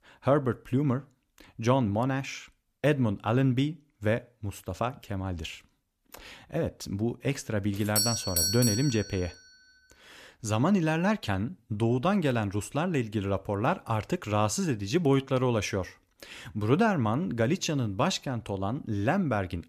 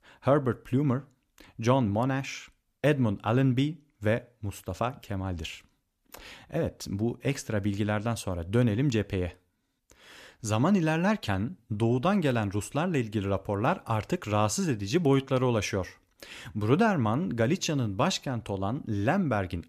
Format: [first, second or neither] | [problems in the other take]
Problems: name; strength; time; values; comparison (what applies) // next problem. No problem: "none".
second | doorbell; loud; from 8 to 9 s; peak 3 dB above the speech